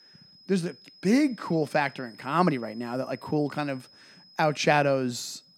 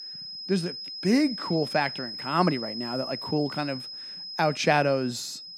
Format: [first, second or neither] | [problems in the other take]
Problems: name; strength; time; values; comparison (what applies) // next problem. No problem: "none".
first | high-pitched whine; loud; throughout; 5 kHz, 8 dB below the speech; faint in the first